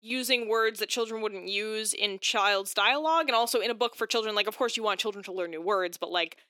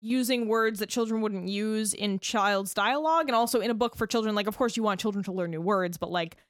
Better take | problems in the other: second | thin; somewhat; fading below 350 Hz

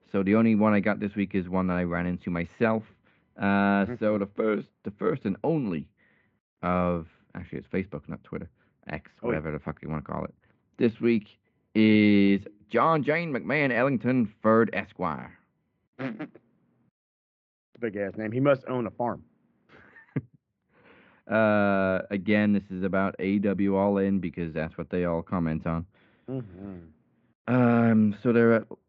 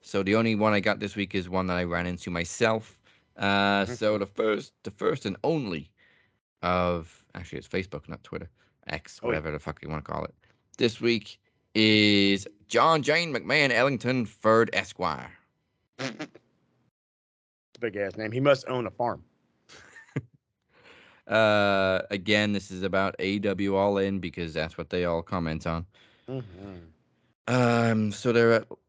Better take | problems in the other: second | muffled; very; fading above 2.5 kHz

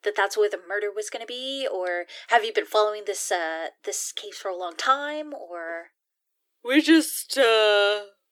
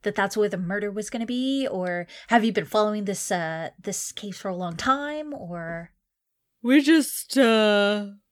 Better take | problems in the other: second | thin; somewhat; fading below 300 Hz

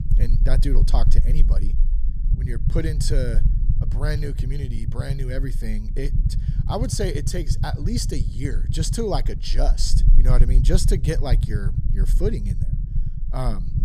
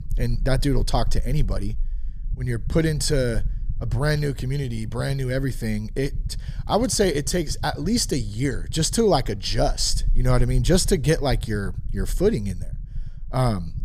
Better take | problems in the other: second | low rumble; loud; throughout; 9 dB below the speech; faint in the second

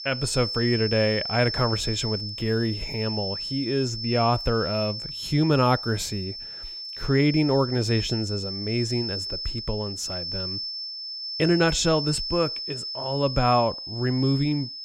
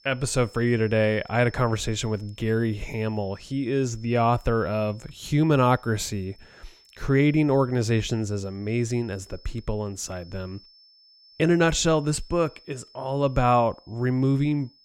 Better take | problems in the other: second | high-pitched whine; loud; throughout; 5.5 kHz, 5 dB below the speech; faint in the second

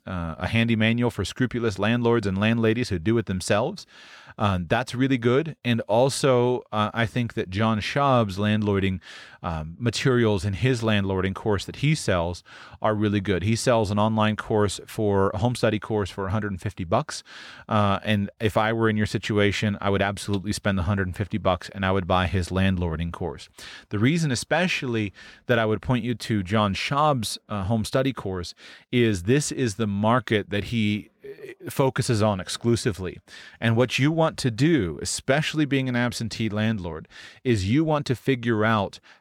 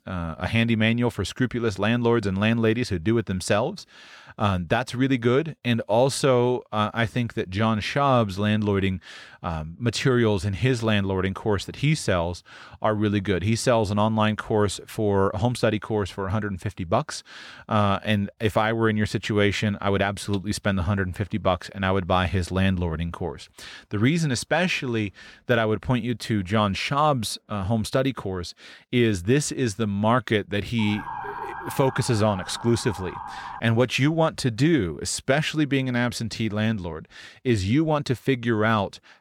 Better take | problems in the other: first | siren; noticeable; from 31 to 34 s; peak 9 dB below the speech

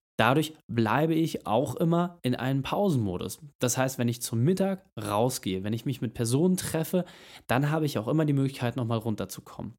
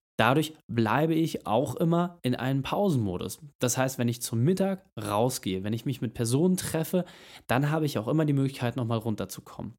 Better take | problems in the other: neither | none

